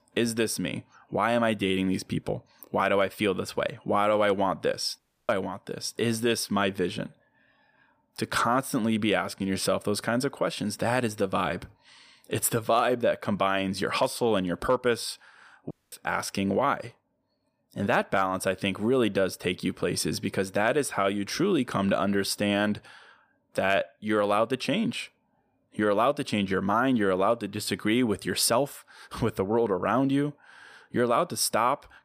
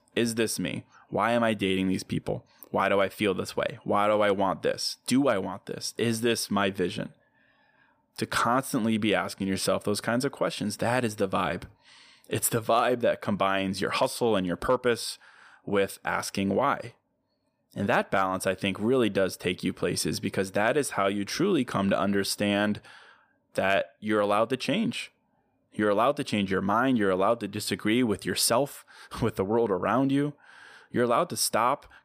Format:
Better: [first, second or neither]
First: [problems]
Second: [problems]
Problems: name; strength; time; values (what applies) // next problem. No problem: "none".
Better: second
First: audio cutting out; at 5 s and at 16 s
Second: none